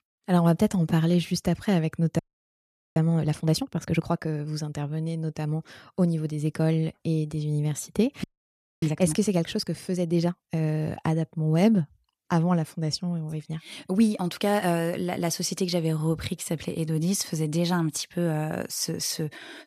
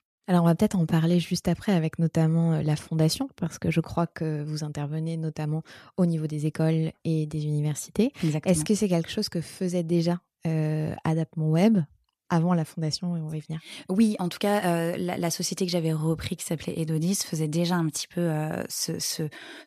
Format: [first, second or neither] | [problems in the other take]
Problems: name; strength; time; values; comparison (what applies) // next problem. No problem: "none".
second | audio freezing; at 2 s for 1 s and at 8 s for 0.5 s